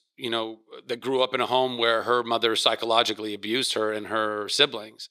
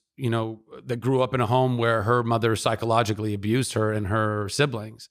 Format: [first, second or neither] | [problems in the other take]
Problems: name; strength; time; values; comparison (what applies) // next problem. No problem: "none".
second | thin; somewhat; fading below 400 Hz